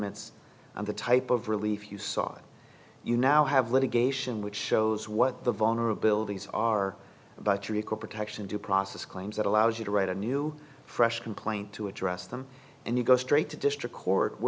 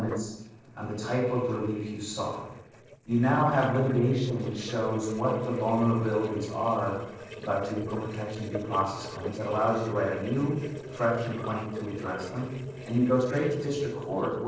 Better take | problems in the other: first | noise reduction (neural separator model SepFormer DNS4)

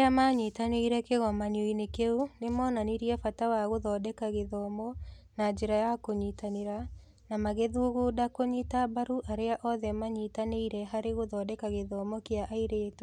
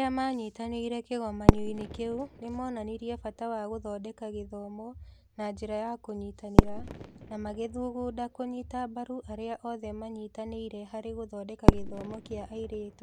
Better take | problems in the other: first | background sound (Fireworks); 5 dB above the speech

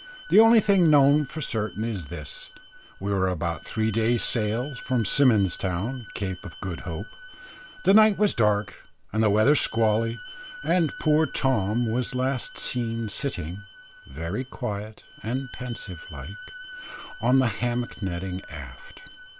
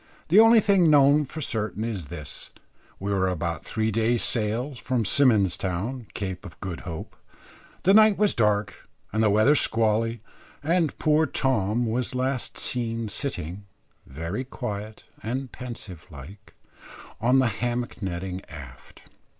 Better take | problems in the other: second | background sound (Bowed string instrument); 18 dB below the speech

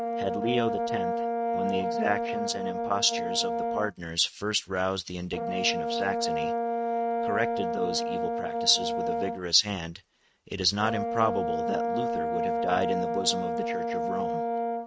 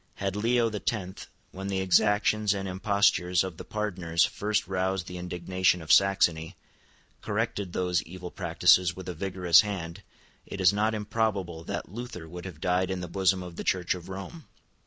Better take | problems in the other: second | noise reduction (neural mask model RNNoise)

